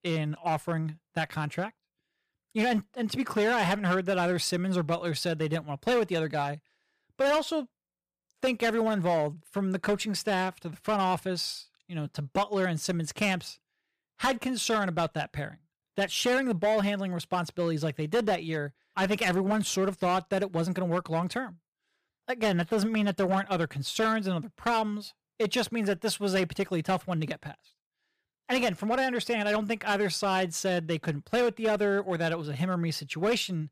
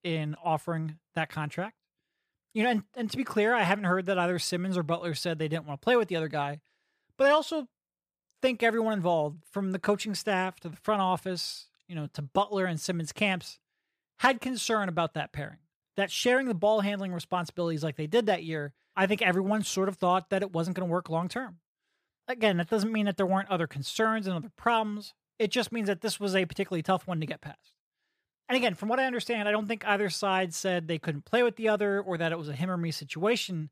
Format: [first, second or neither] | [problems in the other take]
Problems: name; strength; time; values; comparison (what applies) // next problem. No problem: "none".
second | distortion; slight; 6% of the sound clipped